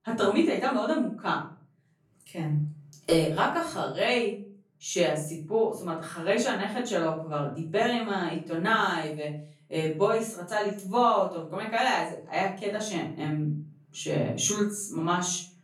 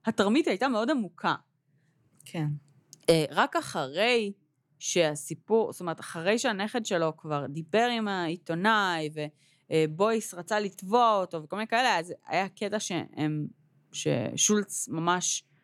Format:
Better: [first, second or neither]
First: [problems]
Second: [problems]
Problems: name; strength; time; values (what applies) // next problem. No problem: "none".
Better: second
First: off-mic speech; far // room echo; slight; dies away in 0.4 s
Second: none